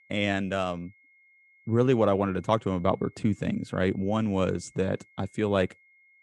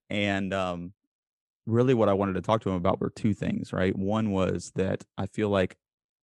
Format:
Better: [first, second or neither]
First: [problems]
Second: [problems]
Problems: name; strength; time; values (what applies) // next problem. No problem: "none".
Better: second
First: high-pitched whine; faint; throughout; 2 kHz, 30 dB below the speech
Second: none